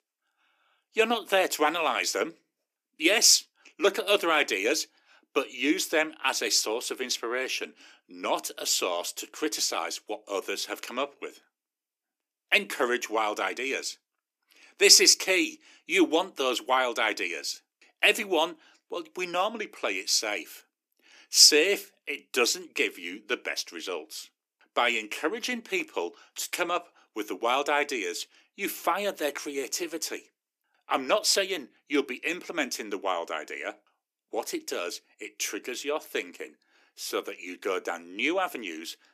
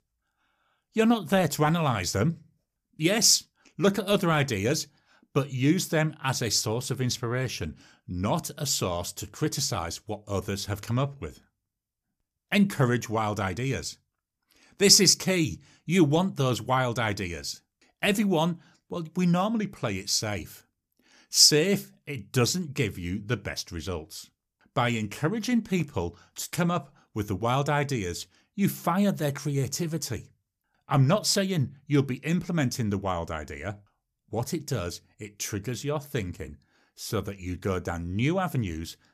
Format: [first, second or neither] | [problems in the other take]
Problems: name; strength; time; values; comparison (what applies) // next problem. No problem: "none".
second | thin; very; fading below 300 Hz